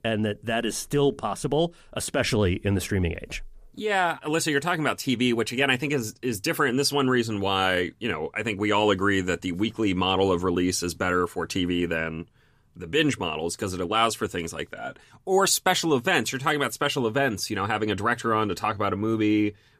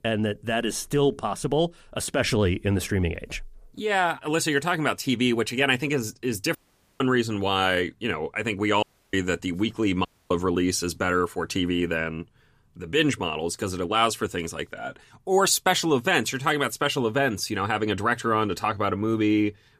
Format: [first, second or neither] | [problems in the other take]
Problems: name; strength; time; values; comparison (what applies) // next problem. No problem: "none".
first | audio cutting out; at 6.5 s, at 9 s and at 10 s